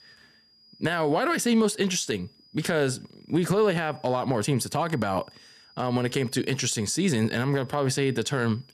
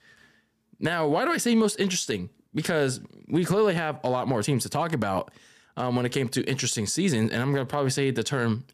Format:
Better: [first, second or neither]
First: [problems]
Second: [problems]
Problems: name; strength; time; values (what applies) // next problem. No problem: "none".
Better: second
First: high-pitched whine; faint; throughout; 5 kHz, 30 dB below the speech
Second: none